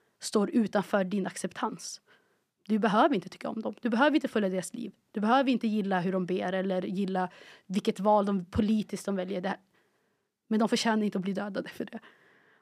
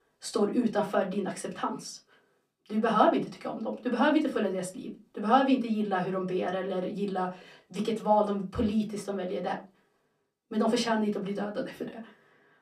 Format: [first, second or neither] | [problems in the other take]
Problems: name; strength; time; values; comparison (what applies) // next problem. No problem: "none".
first | off-mic speech; far // room echo; very slight; dies away in 0.2 s